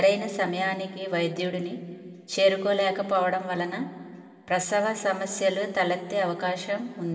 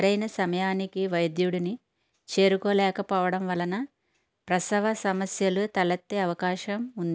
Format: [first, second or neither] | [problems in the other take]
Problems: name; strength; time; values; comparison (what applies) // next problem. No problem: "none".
second | room echo; dies away in 2.3 s